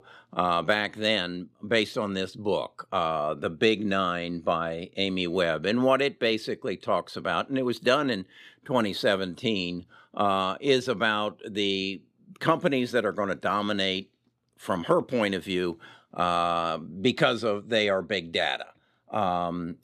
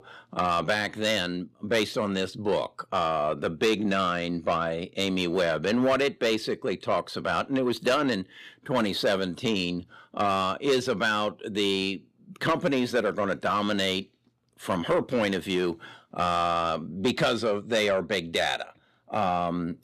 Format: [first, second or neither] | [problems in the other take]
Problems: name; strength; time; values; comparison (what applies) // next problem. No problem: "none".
first | distortion; slight; 10 dB below the speech